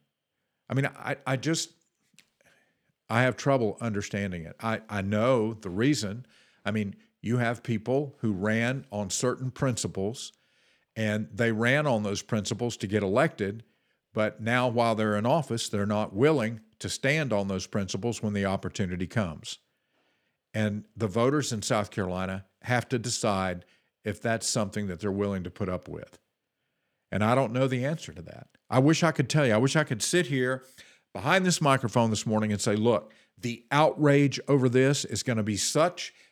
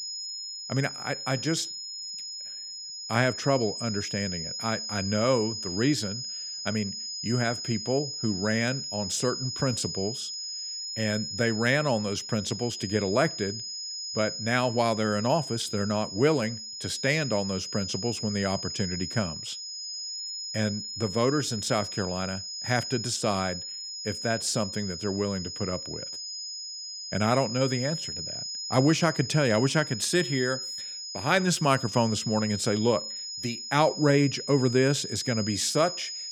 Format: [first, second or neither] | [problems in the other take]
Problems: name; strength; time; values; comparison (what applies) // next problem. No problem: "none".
first | high-pitched whine; loud; throughout; 5 kHz, 6 dB below the speech